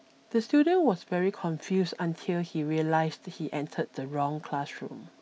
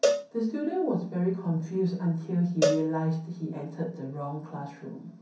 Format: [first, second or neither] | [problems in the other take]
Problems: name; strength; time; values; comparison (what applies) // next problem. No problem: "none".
first | background sound (Cowbell); 3 dB below the speech // room echo; dies away in 0.6 s